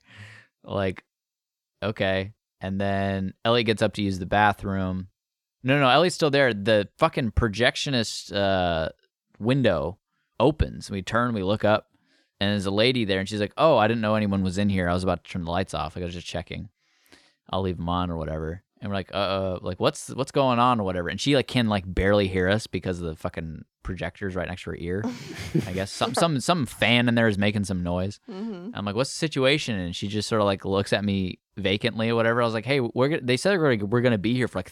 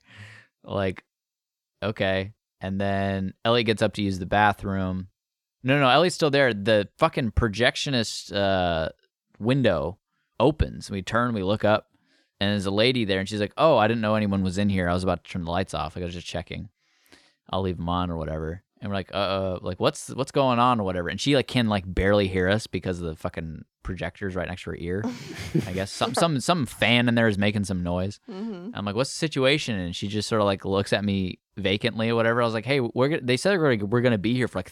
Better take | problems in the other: neither | none

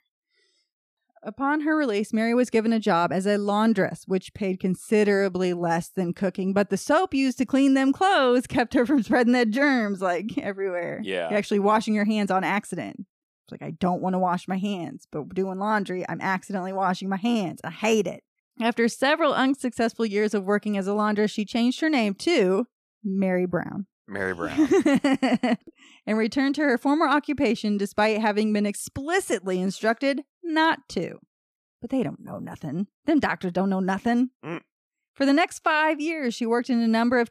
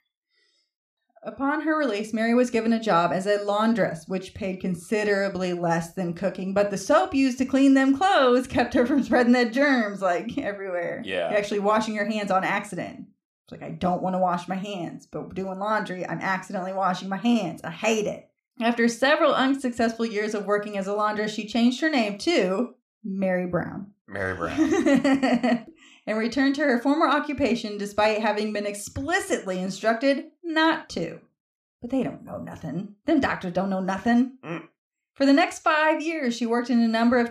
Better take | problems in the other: first | room echo; very slight; dies away in 0.4 s

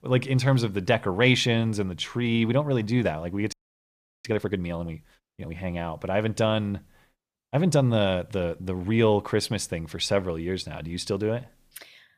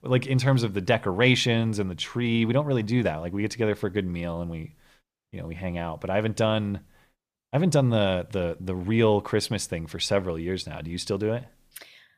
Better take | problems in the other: second | audio freezing; at 3.5 s for 0.5 s

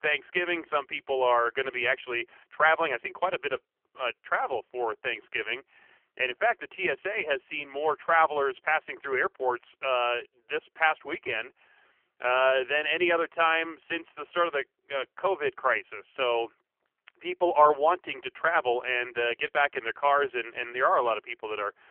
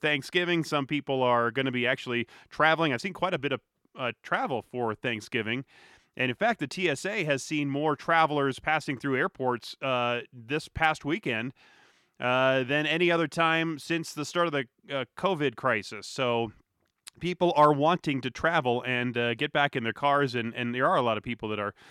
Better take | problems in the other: second | phone-call audio; poor line; nothing above 3 kHz

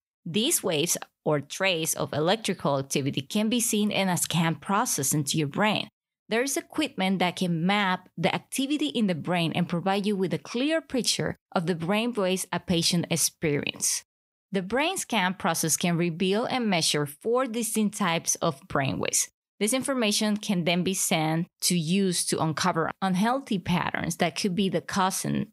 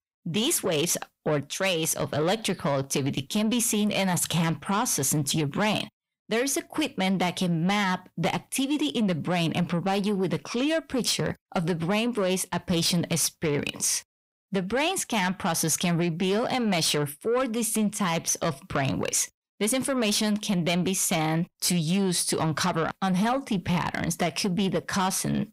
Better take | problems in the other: first | distortion; slight; 10 dB below the speech

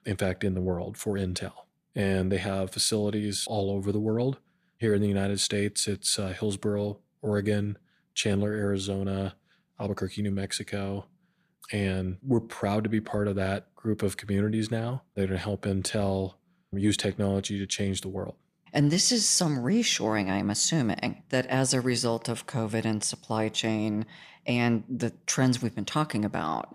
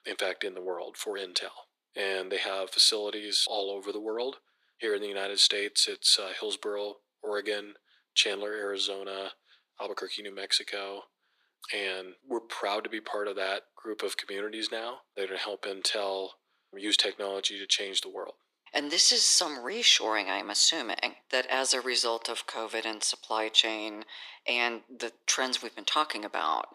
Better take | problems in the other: first | thin; very; fading below 350 Hz

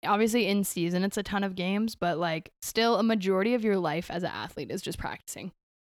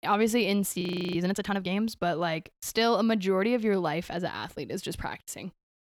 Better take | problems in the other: first | audio freezing; at 1 s

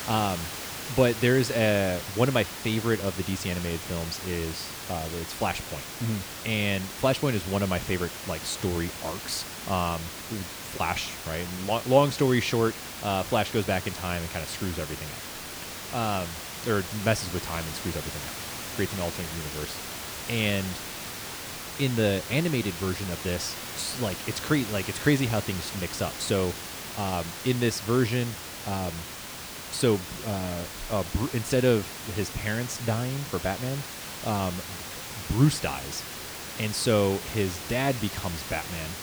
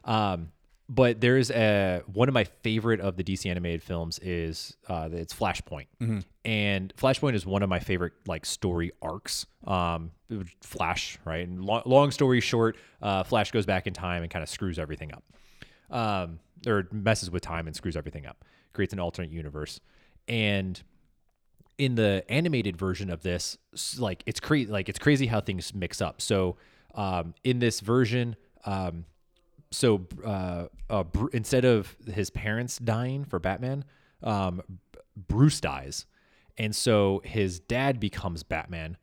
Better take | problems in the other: second | hiss; loud; throughout; 7 dB below the speech

